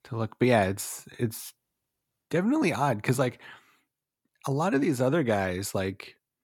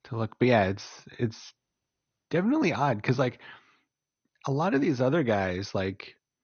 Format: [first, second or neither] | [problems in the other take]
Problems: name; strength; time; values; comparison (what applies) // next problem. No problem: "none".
first | garbled, watery; slightly; nothing above 6.5 kHz